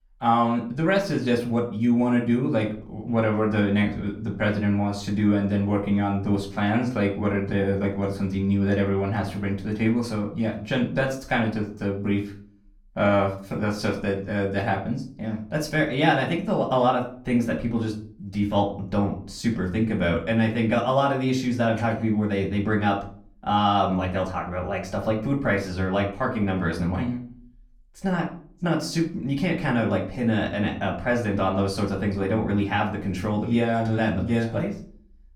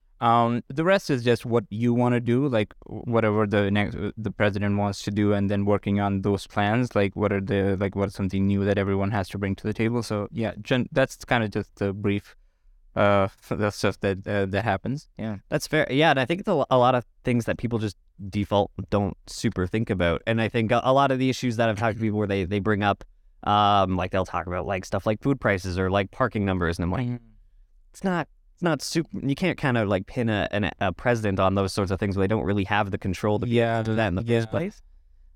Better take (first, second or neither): second